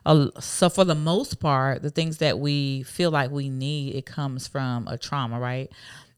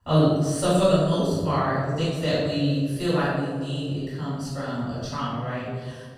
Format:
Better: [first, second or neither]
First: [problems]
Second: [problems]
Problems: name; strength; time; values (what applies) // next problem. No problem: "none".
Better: first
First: none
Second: off-mic speech; far // room echo; strong; dies away in 1.4 s